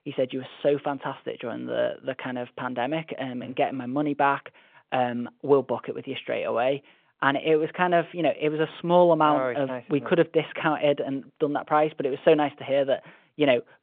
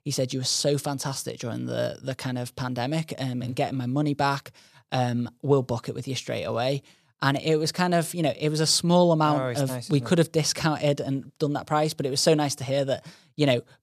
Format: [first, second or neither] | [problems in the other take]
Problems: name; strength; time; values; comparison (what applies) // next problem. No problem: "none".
second | phone-call audio